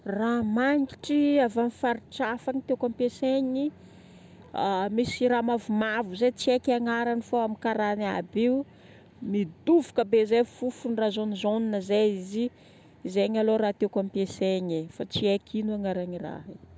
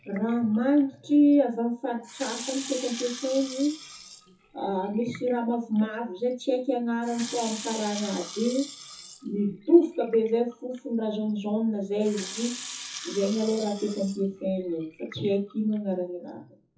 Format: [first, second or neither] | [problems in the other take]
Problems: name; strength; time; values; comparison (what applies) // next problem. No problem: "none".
first | noise reduction (classical method WPE with log-MMSE)